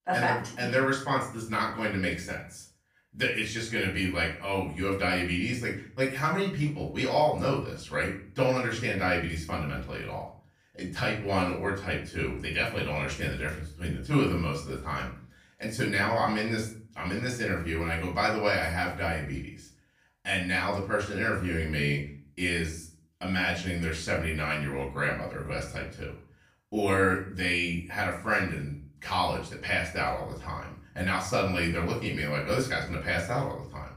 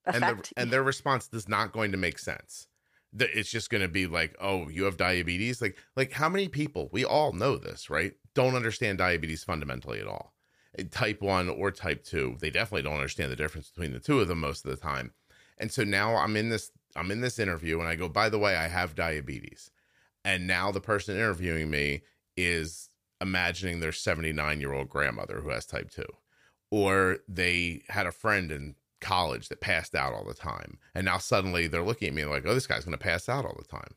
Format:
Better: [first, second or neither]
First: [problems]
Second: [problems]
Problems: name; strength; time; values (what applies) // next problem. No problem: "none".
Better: second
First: off-mic speech; far // room echo; slight; dies away in 0.4 s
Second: none